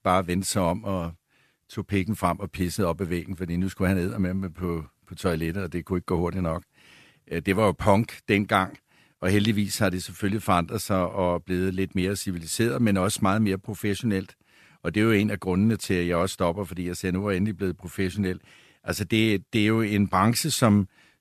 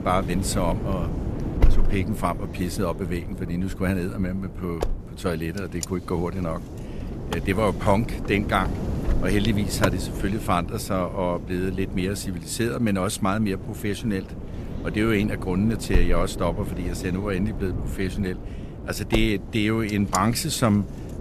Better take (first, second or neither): first